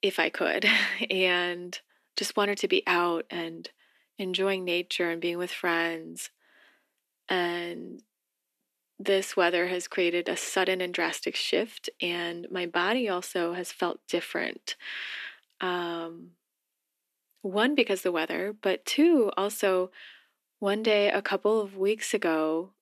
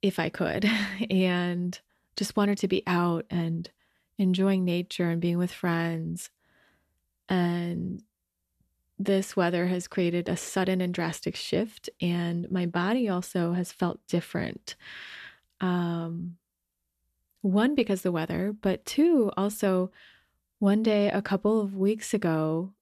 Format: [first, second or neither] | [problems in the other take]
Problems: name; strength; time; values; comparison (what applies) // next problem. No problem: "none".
second | thin; somewhat; fading below 250 Hz